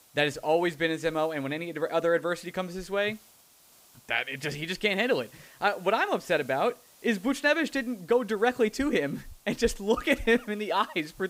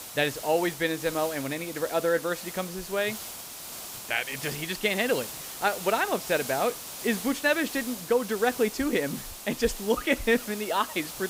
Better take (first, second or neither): first